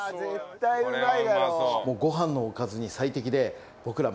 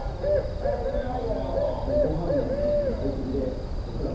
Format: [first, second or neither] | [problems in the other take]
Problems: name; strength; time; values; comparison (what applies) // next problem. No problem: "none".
first | background sound (Bird); 5 dB above the speech // room echo; dies away in 0.9 s